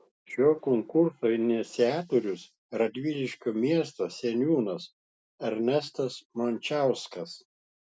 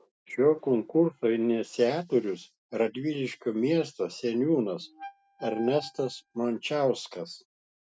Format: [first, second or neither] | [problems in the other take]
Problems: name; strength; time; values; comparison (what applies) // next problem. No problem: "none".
first | noise reduction (neural mask model RNNoise)